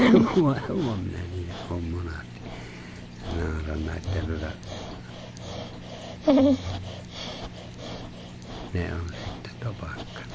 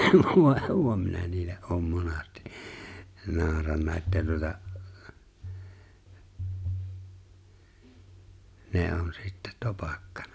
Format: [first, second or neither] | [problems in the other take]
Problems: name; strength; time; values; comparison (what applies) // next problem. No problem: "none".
second | background sound (Dog); 1 dB above the speech